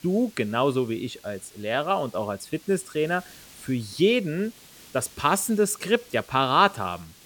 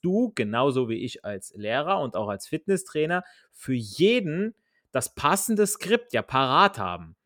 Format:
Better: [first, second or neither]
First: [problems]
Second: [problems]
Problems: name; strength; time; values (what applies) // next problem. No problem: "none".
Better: second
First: hiss; faint; throughout; 25 dB below the speech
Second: none